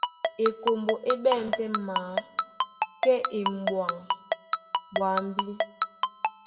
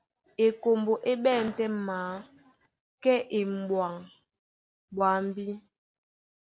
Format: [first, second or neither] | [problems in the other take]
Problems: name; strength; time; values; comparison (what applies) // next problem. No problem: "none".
second | background sound (Ringtone); 1 dB below the speech // room echo; dies away in 1.1 s